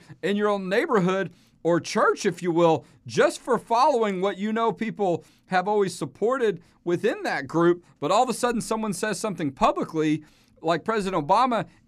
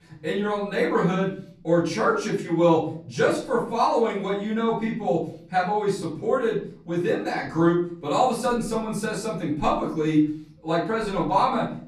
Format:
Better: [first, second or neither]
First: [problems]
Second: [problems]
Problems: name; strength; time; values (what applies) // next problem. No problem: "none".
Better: first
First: none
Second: off-mic speech; far // room echo; noticeable; dies away in 0.5 s